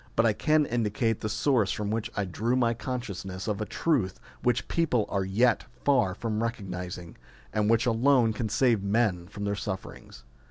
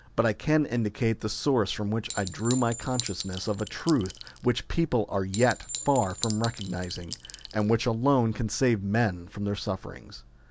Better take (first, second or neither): first